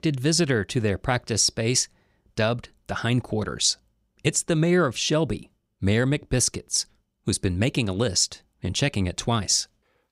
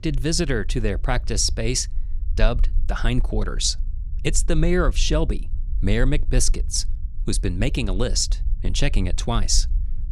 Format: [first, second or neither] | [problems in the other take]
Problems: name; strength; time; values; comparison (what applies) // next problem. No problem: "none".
first | low rumble; faint; throughout; 25 dB below the speech